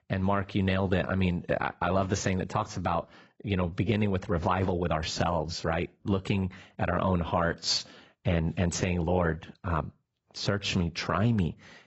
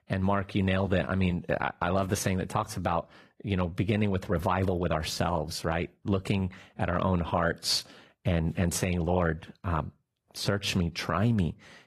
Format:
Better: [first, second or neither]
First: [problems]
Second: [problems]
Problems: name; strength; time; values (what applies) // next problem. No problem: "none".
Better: second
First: garbled, watery; badly; nothing above 7.5 kHz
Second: garbled, watery; slightly; nothing above 15 kHz